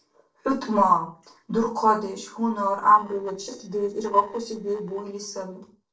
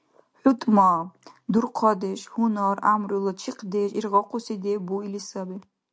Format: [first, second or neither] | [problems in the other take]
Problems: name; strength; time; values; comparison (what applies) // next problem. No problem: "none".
second | noise reduction (neural separator model SepFormer DNS4)